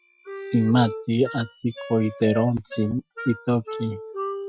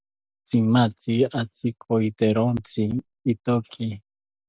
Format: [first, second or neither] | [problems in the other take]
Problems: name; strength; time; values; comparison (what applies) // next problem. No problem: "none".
second | noise reduction (classical method Wiener filter)